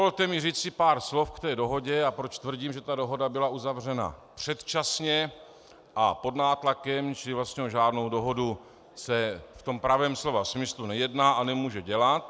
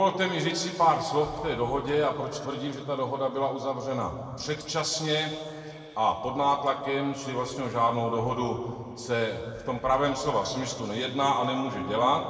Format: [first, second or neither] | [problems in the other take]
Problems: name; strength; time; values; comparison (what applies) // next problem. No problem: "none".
first | room echo; dies away in 2.1 s